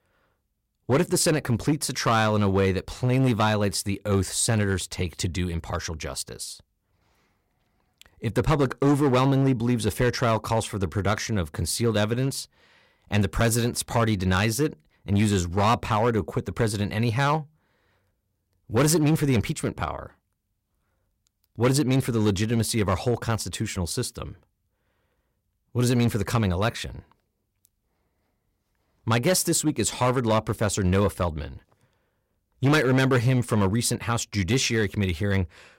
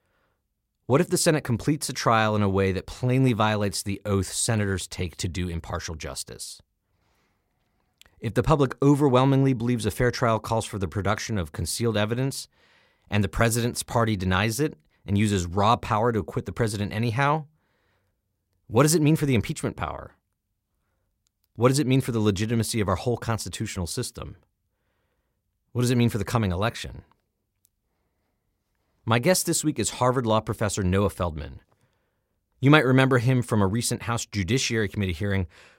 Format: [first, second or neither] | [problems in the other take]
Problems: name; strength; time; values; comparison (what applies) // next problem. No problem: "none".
second | distortion; slight; 5% of the sound clipped